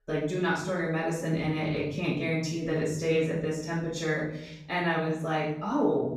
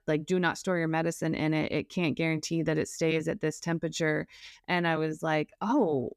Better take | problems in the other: second | off-mic speech; far // room echo; noticeable; dies away in 0.8 s

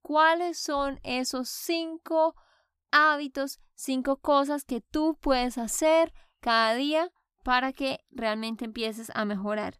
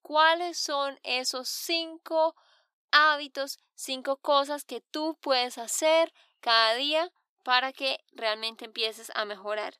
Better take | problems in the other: first | thin; somewhat; fading below 350 Hz

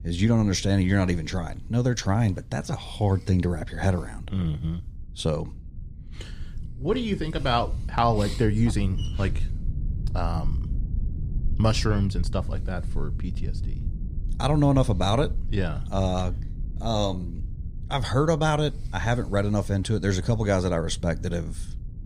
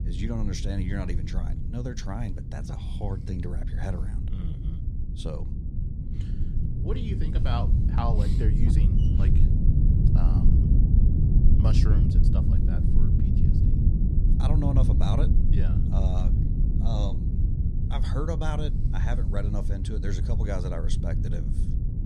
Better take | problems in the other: first | low rumble; loud; throughout; 1 dB below the speech; faint in the first

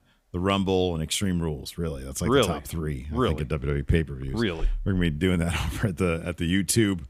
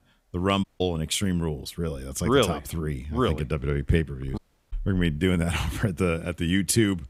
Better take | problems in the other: first | audio cutting out; at 0.5 s and at 4.5 s

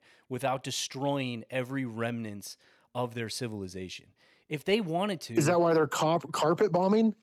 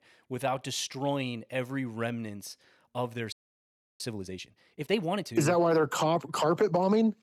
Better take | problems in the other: first | audio freezing; at 3.5 s for 0.5 s

